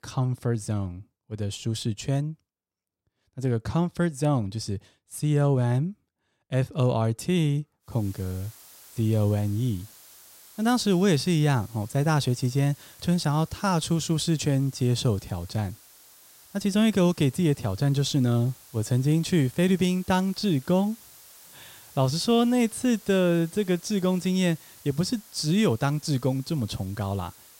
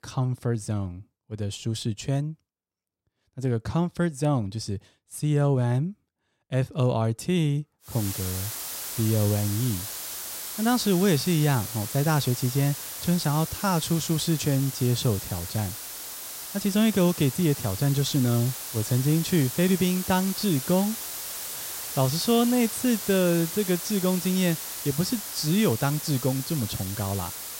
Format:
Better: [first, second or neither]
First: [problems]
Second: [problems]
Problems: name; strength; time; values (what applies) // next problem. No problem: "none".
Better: first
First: hiss; faint; from 8 s on; 20 dB below the speech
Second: hiss; loud; from 8 s on; 7 dB below the speech